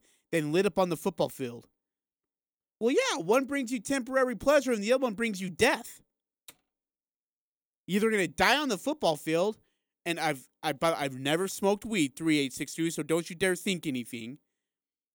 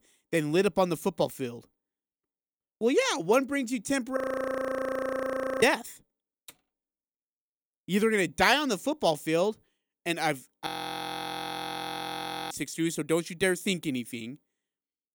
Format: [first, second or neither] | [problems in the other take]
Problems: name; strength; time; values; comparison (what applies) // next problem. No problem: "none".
first | audio freezing; at 4 s for 1.5 s and at 11 s for 2 s